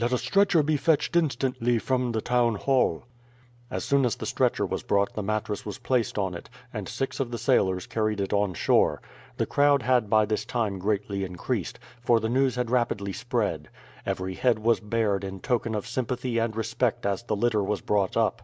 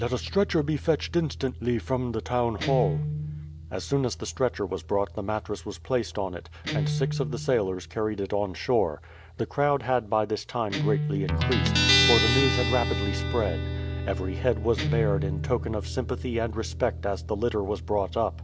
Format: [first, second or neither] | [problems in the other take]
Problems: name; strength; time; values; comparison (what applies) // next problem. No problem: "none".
first | background sound (Guitar + Guitar); 2 dB below the speech